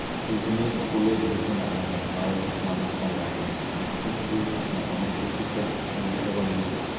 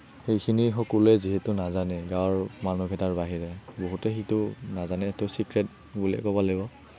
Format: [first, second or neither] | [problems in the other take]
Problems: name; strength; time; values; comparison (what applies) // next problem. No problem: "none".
second | background sound (Water); as loud as the speech // room echo; dies away in 1.3 s